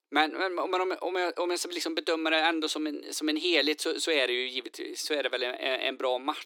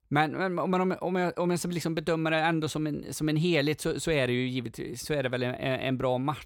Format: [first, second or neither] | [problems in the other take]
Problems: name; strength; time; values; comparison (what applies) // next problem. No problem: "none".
second | thin; somewhat; fading below 300 Hz